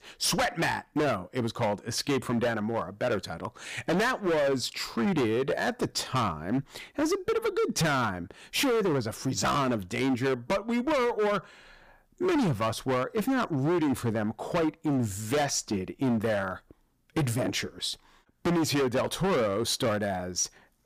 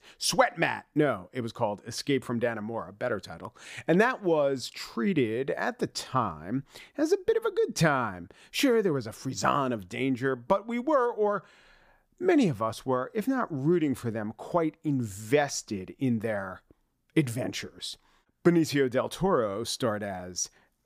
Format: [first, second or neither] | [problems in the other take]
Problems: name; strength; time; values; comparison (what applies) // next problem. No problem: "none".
second | distortion; heavy; 18% of the sound clipped